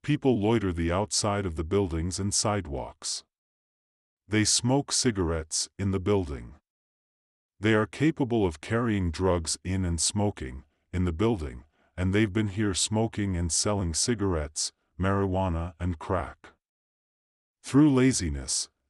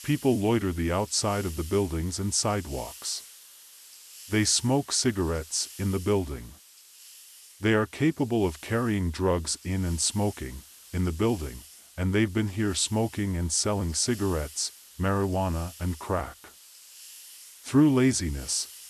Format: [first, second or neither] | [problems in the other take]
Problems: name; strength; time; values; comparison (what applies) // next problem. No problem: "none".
first | hiss; noticeable; throughout; 20 dB below the speech